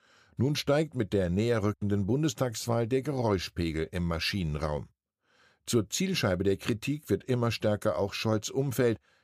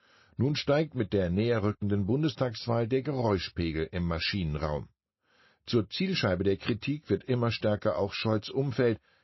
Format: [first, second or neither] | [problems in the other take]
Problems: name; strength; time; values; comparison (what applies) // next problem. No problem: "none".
first | garbled, watery; slightly; nothing above 5.5 kHz